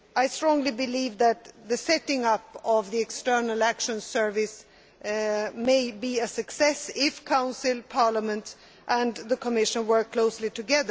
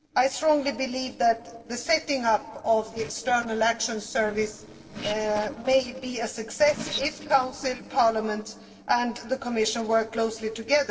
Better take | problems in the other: first | noise reduction (neural separator model SepFormer DNS4)

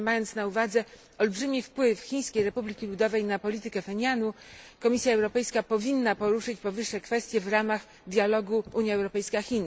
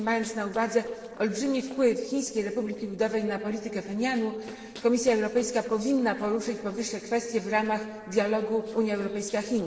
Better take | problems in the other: first | noise reduction (neural separator model SepFormer DNS4)

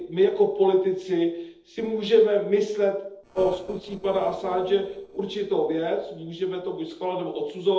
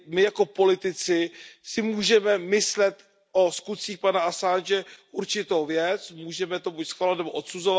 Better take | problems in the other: second | noise reduction (neural separator model SepFormer DNS4)

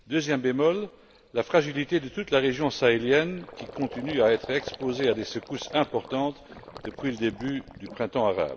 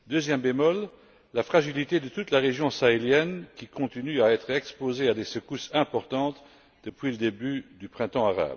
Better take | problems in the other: second | background sound (Gurgling); 18 dB below the speech

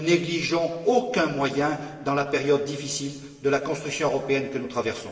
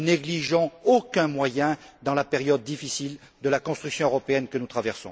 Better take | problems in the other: second | room echo; dies away in 2.3 s

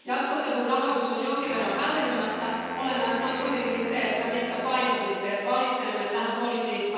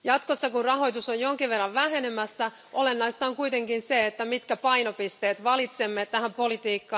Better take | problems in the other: second | background sound (Wind instrument, woodwind instrument); 13 dB below the speech // room echo; dies away in 2.1 s

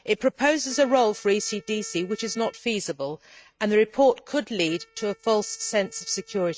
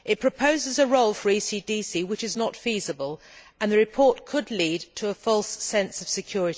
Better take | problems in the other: second | noise reduction (neural mask model RNNoise)

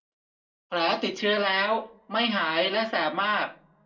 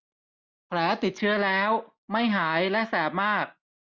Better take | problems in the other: second | room echo; dies away in 0.2 s

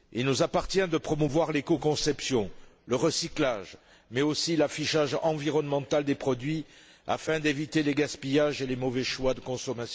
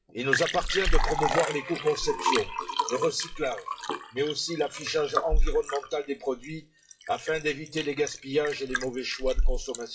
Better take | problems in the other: first | noise reduction (classical method WPE with log-MMSE)

